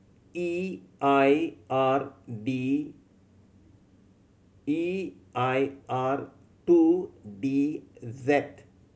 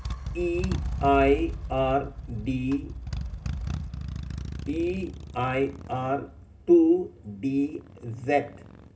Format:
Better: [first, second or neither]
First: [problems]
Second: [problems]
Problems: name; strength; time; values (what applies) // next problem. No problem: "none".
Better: first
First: none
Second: background sound (Motorcycle); 8 dB below the speech // room echo; dies away in 0.4 s